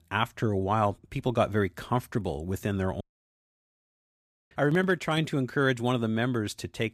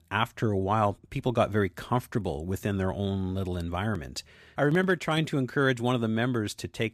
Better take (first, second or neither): second